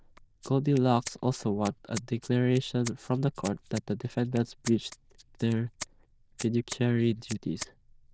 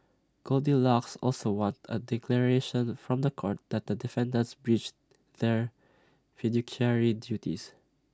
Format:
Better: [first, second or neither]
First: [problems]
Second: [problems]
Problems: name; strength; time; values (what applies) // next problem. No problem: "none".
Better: second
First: noise reduction (neural diffusion model UNIVERSE++)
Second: none